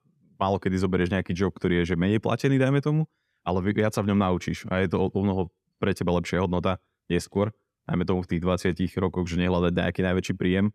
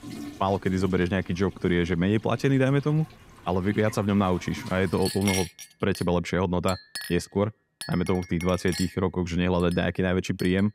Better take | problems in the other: first | household noises; noticeable; throughout; 15 dB below the speech

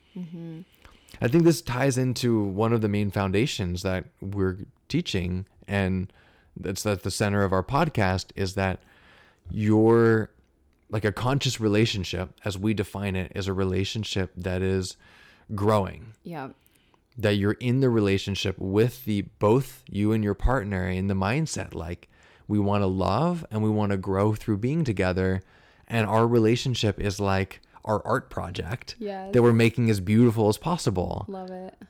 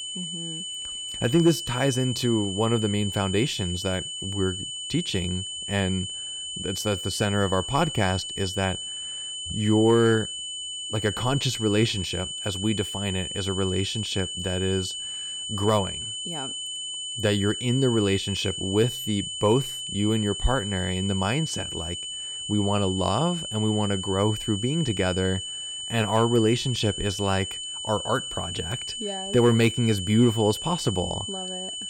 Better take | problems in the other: first | high-pitched whine; loud; throughout; 3 kHz, 5 dB below the speech

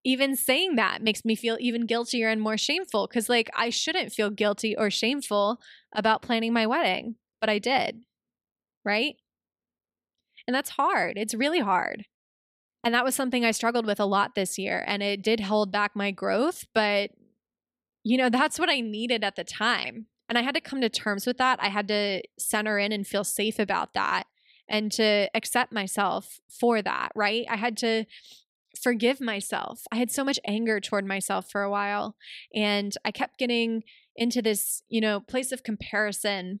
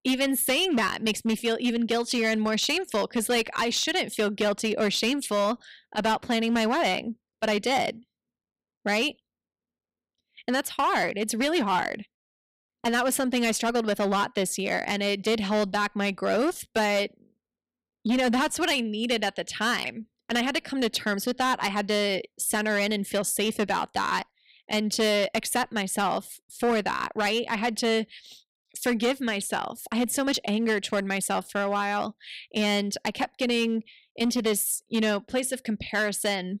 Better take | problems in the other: first | distortion; slight; 9% of the sound clipped

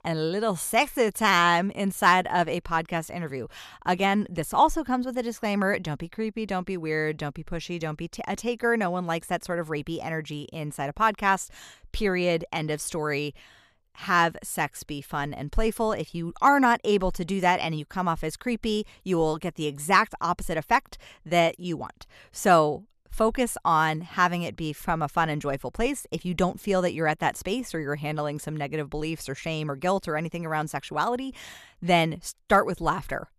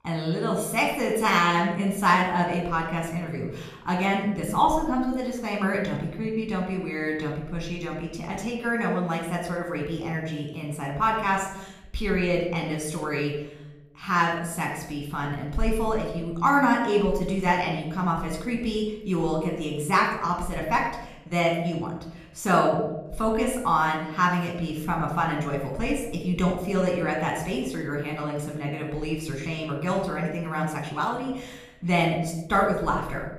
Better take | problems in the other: first | off-mic speech; somewhat distant // room echo; noticeable; dies away in 0.8 s

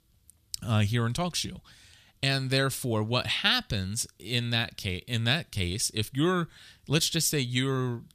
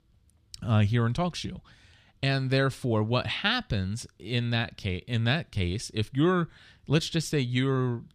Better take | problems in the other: first | muffled; slightly; fading above 2 kHz

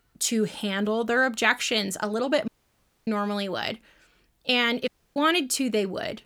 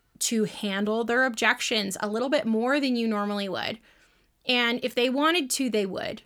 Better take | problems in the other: second | audio cutting out; at 2.5 s for 0.5 s and at 5 s

